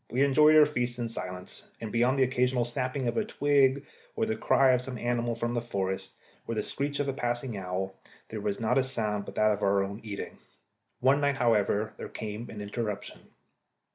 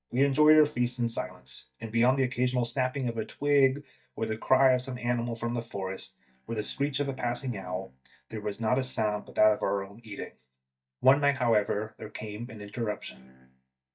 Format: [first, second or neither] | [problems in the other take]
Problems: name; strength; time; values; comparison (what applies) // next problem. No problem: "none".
first | noise reduction (neural mask model DeepFilterNet 3)